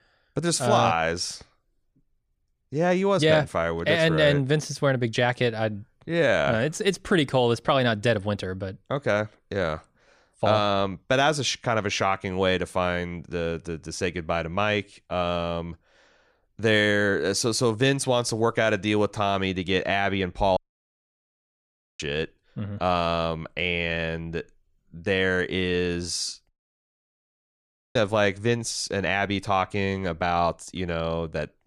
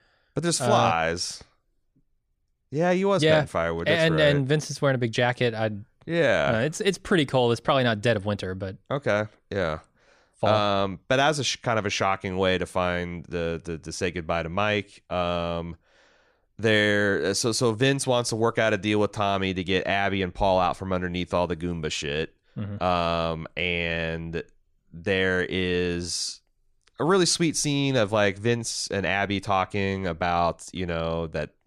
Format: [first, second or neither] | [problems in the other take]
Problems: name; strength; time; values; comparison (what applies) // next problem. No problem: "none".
second | audio cutting out; at 21 s for 1.5 s and at 26 s for 1.5 s